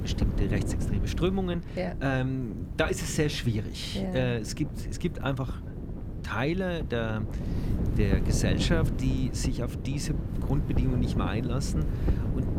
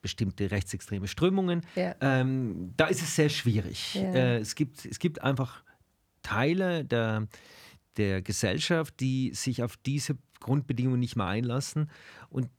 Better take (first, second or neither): second